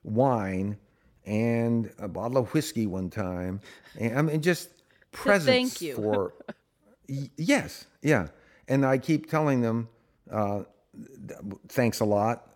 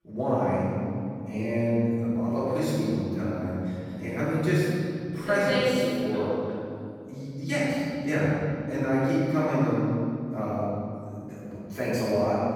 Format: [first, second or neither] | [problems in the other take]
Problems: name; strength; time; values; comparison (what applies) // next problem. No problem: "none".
first | off-mic speech; far // room echo; strong; dies away in 2.5 s